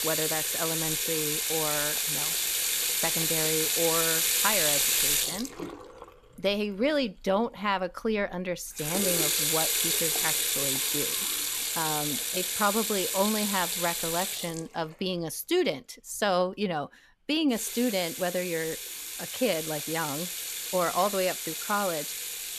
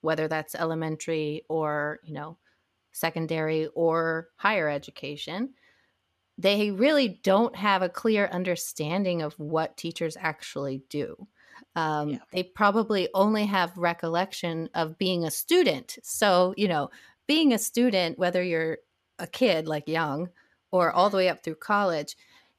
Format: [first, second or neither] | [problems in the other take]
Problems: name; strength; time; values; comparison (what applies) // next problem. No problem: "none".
second | household noises; very loud; throughout; 4 dB above the speech